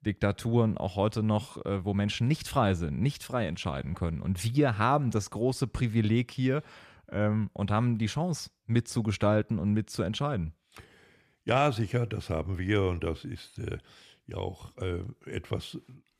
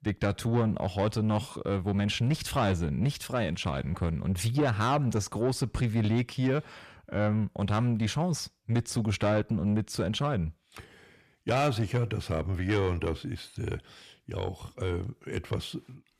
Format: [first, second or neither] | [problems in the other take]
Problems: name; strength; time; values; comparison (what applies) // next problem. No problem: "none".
first | distortion; slight; 10 dB below the speech